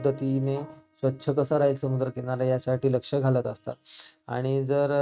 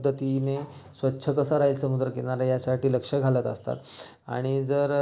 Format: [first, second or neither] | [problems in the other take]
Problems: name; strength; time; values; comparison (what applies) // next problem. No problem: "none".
second | noise reduction (neural mask model RNNoise)